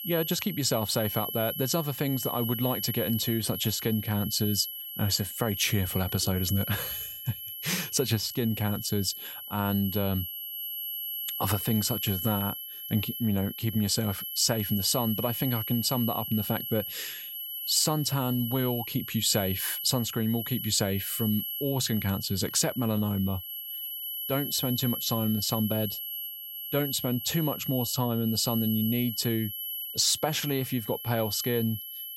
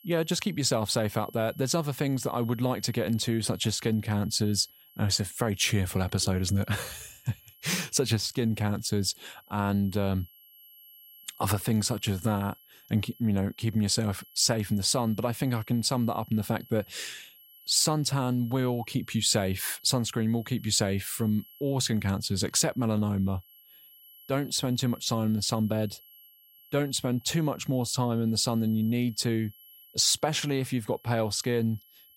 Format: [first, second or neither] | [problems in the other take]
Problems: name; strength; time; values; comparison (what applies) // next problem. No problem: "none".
second | high-pitched whine; loud; throughout; 11.5 kHz, 5 dB below the speech; faint in the second